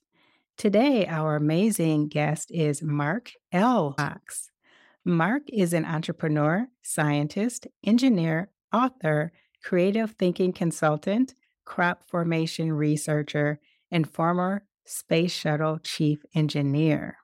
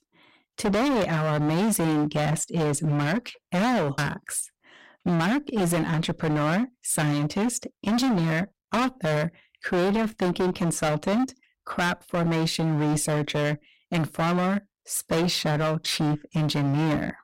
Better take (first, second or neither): first